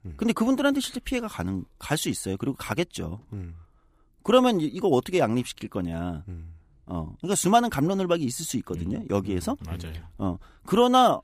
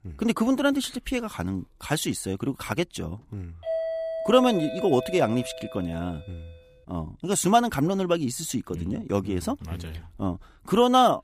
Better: first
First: none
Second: doorbell; noticeable; from 3.5 to 6 s; peak 3 dB below the speech

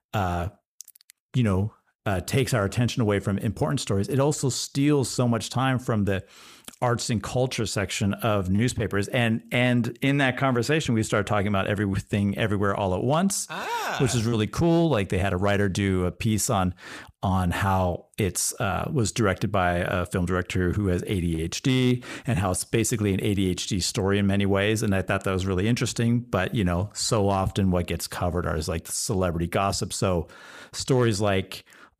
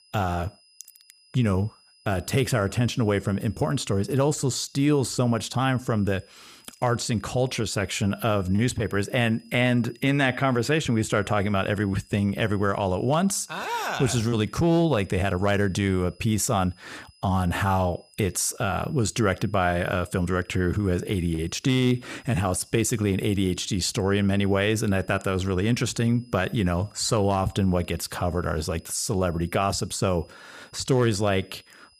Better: first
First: none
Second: high-pitched whine; faint; throughout; 5 kHz, 30 dB below the speech

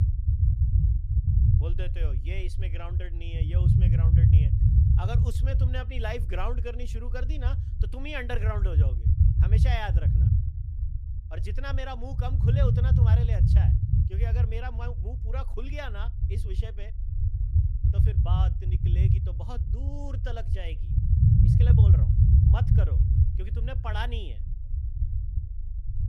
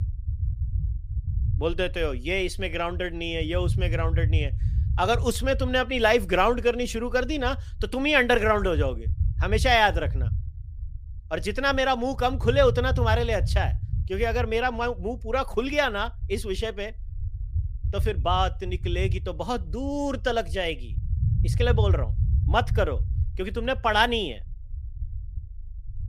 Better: second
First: low rumble; loud; throughout; as loud as the speech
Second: low rumble; faint; throughout; 20 dB below the speech

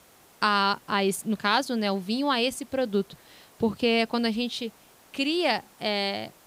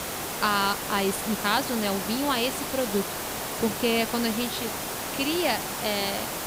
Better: first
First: hiss; faint; throughout; 30 dB below the speech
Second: hiss; loud; throughout; 3 dB below the speech

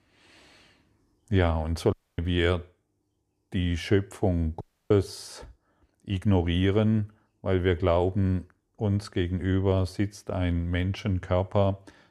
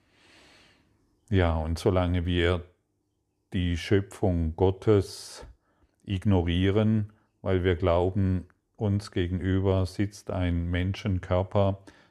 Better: second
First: audio cutting out; at 2 s and at 4.5 s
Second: none

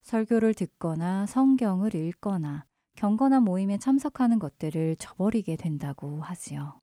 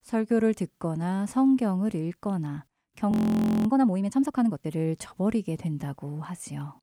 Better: first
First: none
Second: audio freezing; at 3 s for 0.5 s

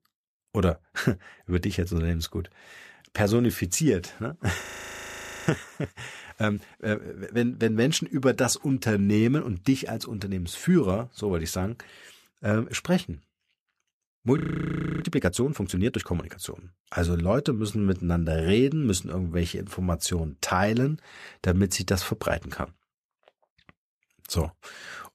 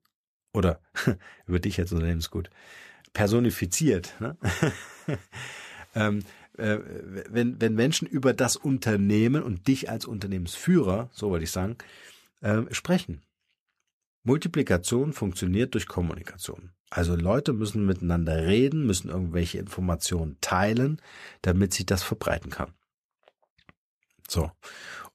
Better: second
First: audio freezing; at 4.5 s for 1 s and at 14 s for 0.5 s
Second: none

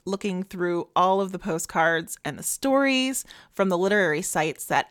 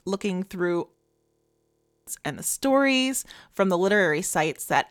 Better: first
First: none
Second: audio freezing; at 1 s for 1 s

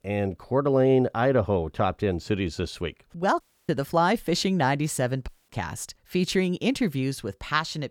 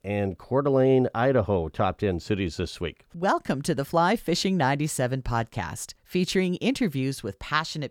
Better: second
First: audio cutting out; at 3.5 s and at 5.5 s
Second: none

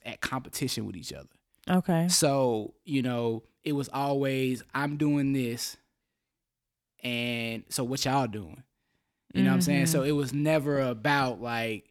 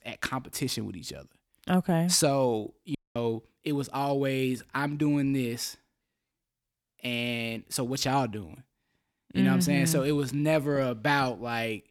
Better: first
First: none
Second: audio cutting out; at 3 s

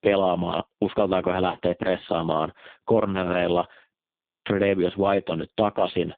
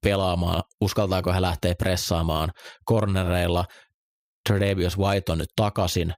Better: second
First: phone-call audio; poor line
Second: none

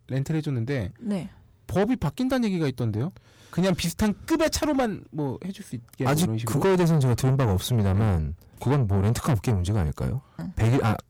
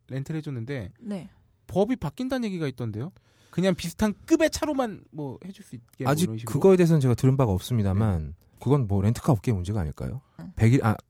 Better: second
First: distortion; heavy; 7 dB below the speech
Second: none

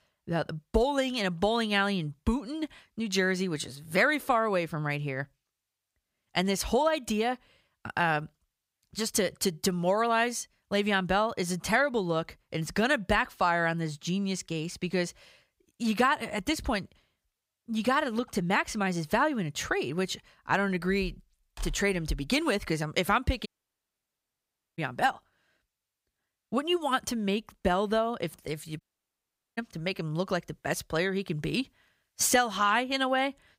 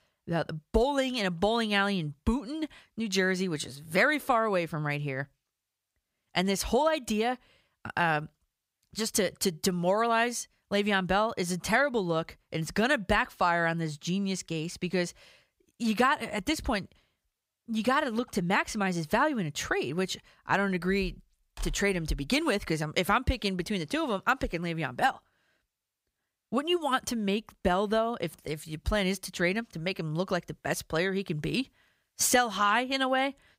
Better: second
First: audio cutting out; at 23 s for 1.5 s and at 29 s for 1 s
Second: none

